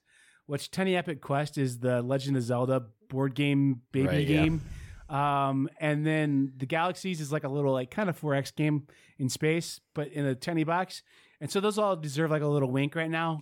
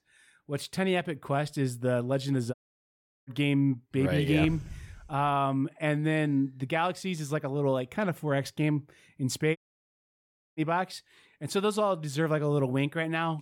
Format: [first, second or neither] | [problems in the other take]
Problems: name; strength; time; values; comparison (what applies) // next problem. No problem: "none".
first | audio cutting out; at 2.5 s for 0.5 s and at 9.5 s for 1 s